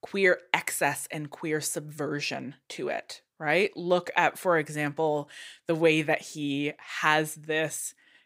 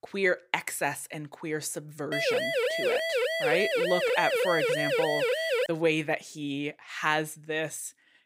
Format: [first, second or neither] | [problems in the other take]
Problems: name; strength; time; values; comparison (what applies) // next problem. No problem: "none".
first | siren; loud; from 2 to 5.5 s; peak 4 dB above the speech